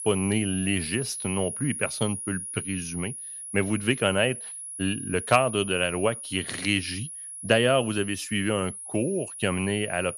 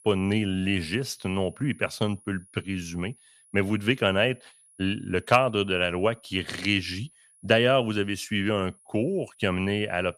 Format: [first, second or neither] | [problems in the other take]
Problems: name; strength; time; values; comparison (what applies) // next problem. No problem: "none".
second | high-pitched whine; loud; throughout; 10.5 kHz, 8 dB below the speech; faint in the second